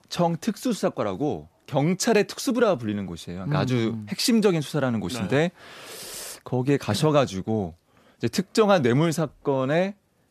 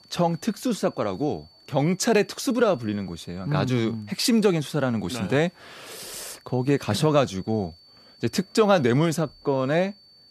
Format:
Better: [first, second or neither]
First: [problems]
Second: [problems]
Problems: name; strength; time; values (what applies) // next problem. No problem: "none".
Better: first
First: none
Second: high-pitched whine; faint; throughout; 4.5 kHz, 30 dB below the speech